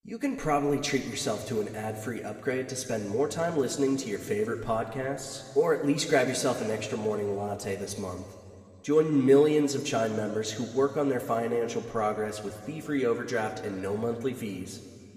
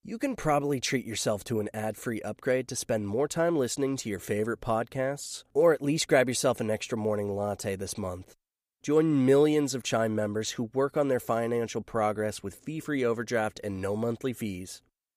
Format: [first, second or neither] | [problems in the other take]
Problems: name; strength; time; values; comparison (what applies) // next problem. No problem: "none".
second | room echo; slight; dies away in 2 s